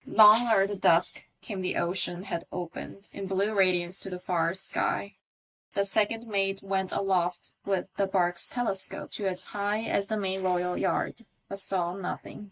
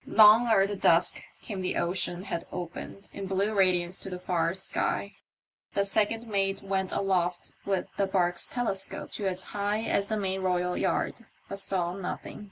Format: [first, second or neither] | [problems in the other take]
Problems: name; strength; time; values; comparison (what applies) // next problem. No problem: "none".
second | noise reduction (neural mask model RNNoise)